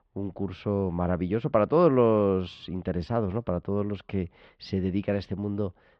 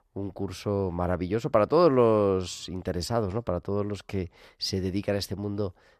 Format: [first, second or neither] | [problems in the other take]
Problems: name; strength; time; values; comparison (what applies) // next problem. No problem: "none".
second | muffled; slightly; fading above 3 kHz